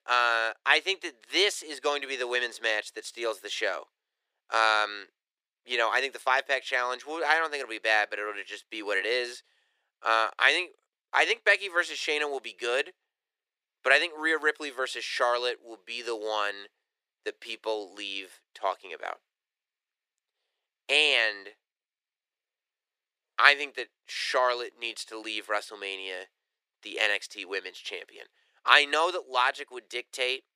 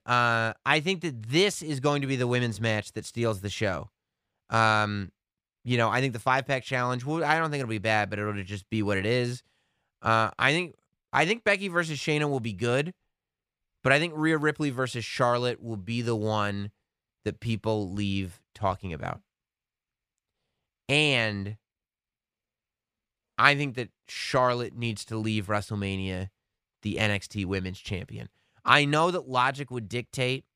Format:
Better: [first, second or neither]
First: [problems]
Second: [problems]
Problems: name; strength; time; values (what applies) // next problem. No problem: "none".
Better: second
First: thin; very; fading below 350 Hz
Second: none